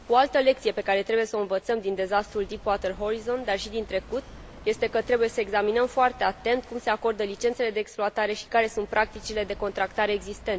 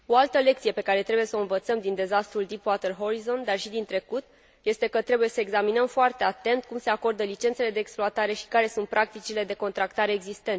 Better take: second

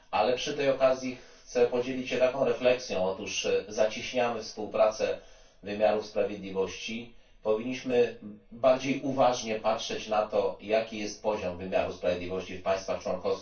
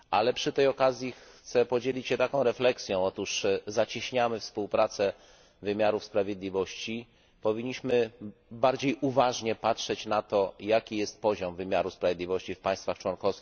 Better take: second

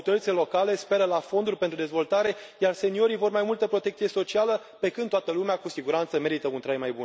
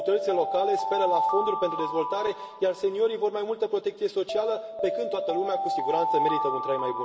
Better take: first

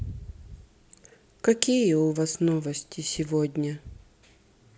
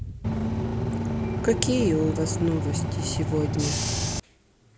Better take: first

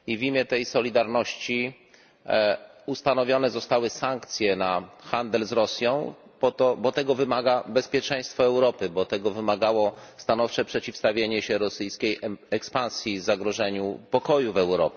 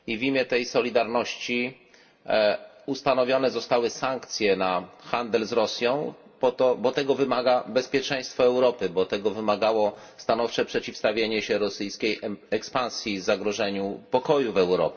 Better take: first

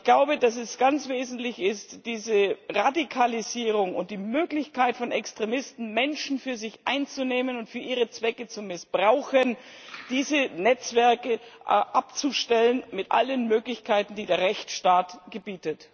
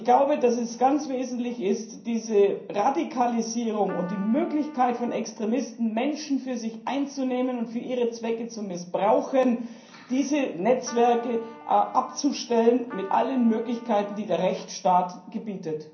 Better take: first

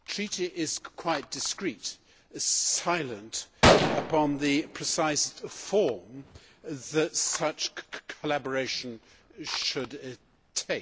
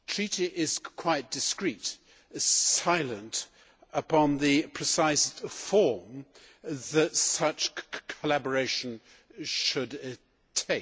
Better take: second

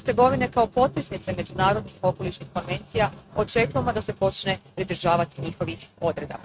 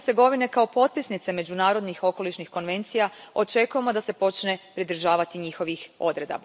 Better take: second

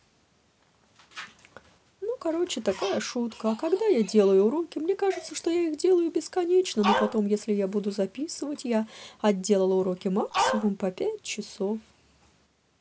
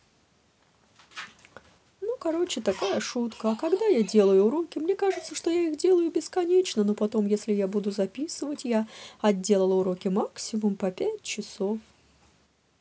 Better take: second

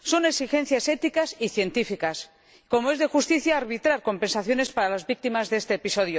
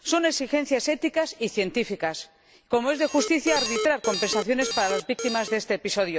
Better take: first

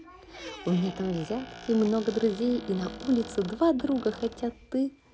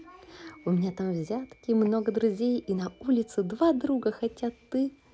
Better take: second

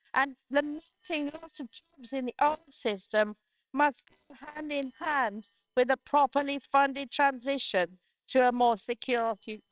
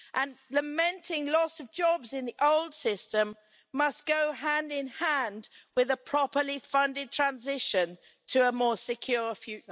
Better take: second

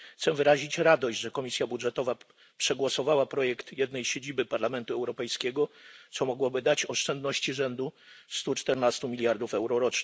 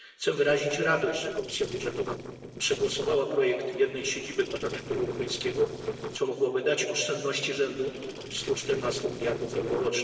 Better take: first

